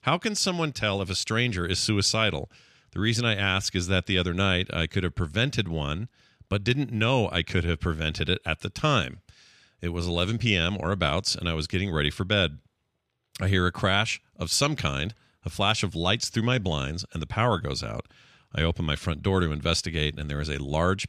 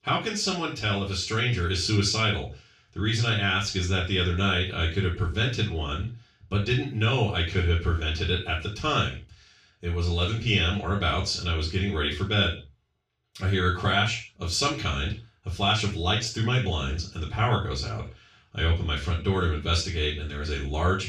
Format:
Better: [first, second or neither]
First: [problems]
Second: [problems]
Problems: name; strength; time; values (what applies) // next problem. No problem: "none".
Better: first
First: none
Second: room echo; noticeable; dies away in 0.3 s // off-mic speech; far